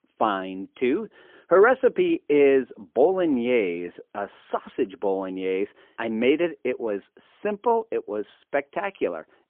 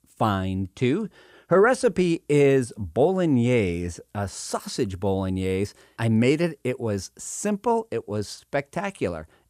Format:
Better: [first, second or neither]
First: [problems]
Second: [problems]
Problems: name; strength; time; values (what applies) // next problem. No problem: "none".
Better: second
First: phone-call audio; poor line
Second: none